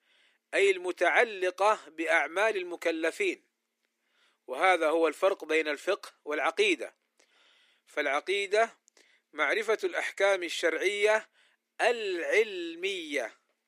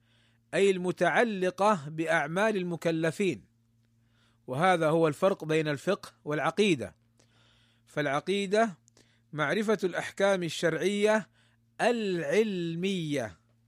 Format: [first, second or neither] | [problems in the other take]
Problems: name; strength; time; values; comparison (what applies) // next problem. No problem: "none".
second | thin; very; fading below 300 Hz